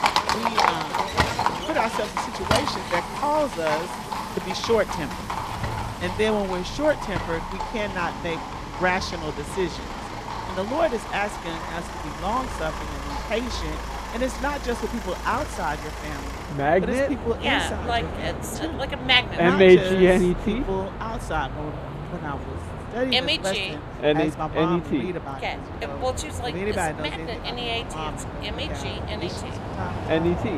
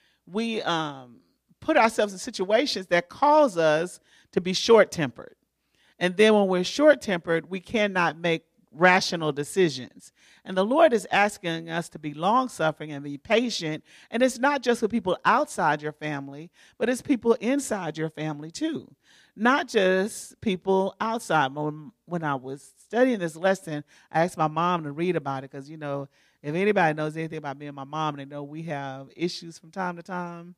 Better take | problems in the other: second | animal sounds; very loud; throughout; 3 dB above the speech

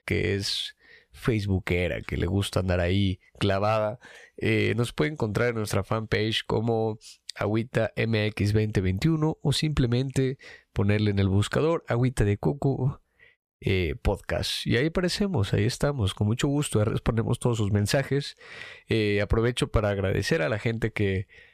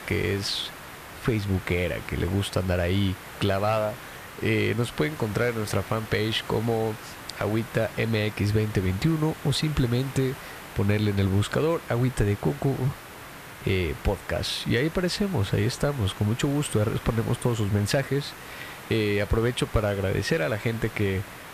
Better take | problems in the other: first | hiss; noticeable; throughout; 15 dB below the speech

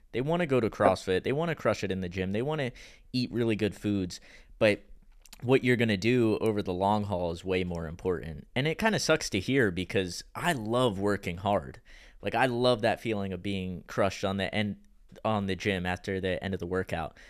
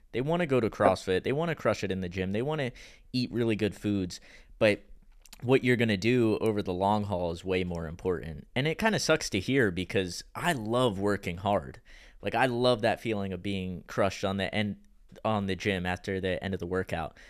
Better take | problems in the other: neither | none

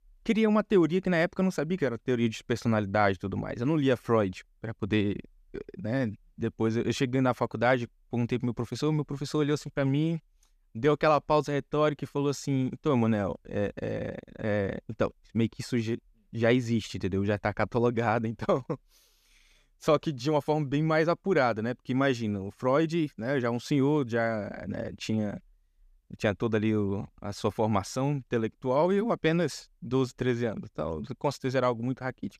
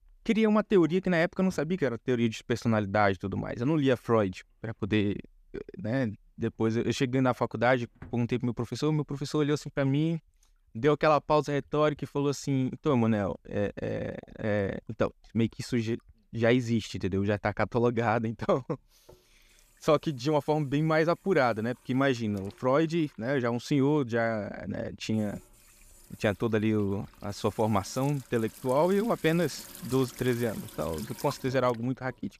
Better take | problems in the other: first | household noises; faint; throughout; 20 dB below the speech

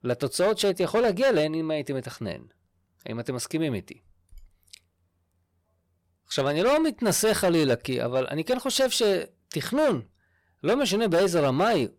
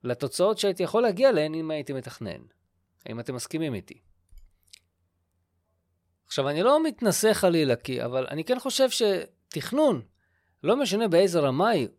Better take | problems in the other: second | distortion; slight; 8% of the sound clipped

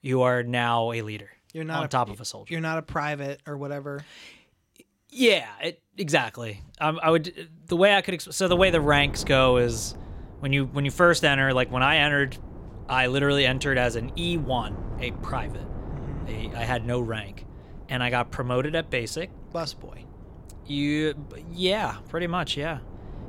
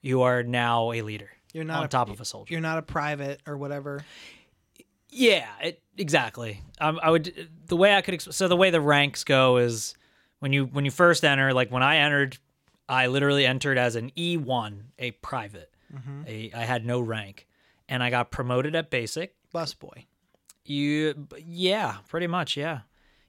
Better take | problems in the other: second | wind noise on the microphone; occasional gusts; from 8.5 s on; 20 dB below the speech

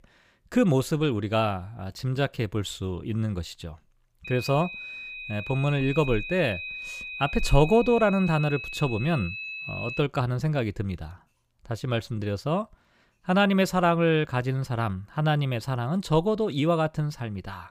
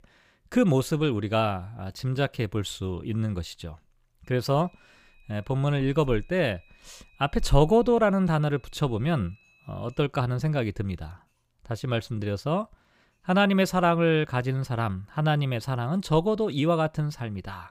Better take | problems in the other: second | high-pitched whine; loud; from 4.5 to 10 s; 2.5 kHz, 8 dB below the speech; faint in the second

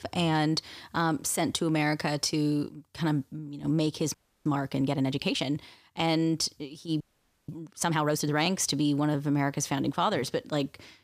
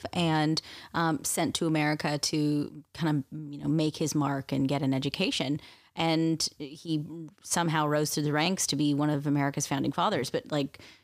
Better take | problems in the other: second | audio freezing; at 4 s and at 7 s

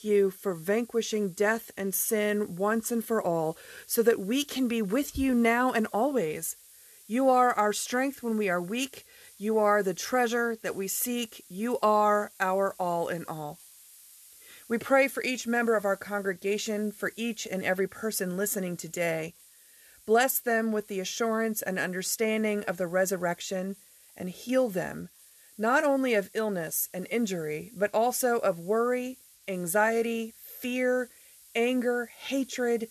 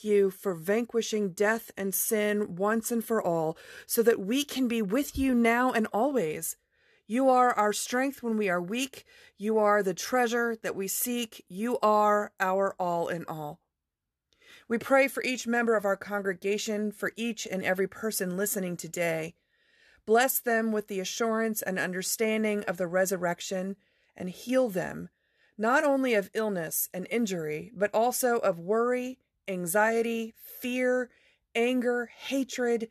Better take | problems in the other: second | hiss; faint; throughout; 25 dB below the speech

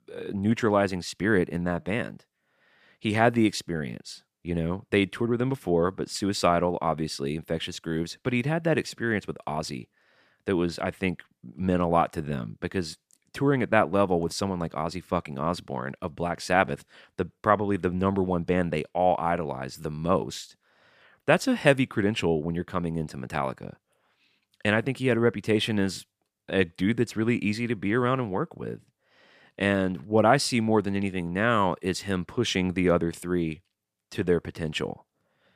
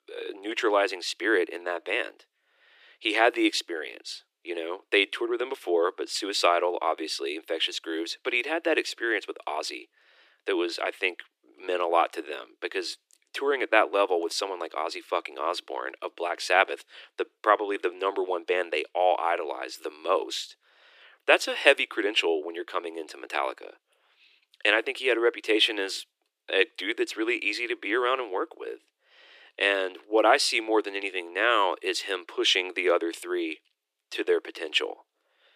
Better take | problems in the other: first | thin; very; fading below 300 Hz

